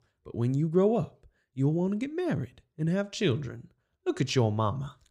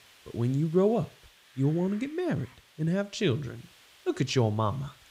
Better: first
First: none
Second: hiss; faint; throughout; 25 dB below the speech

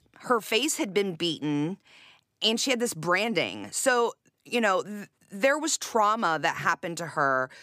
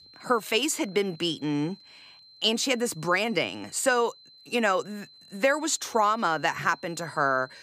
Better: first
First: none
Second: high-pitched whine; faint; throughout; 4 kHz, 25 dB below the speech

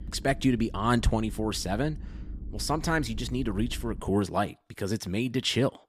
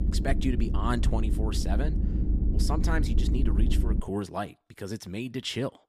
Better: first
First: low rumble; faint; until 4 s; 25 dB below the speech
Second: low rumble; loud; until 4 s; 6 dB below the speech

